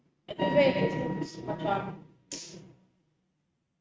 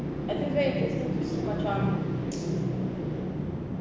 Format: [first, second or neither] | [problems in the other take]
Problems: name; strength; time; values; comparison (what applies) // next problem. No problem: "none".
second | noise reduction (neural mask model RNNoise)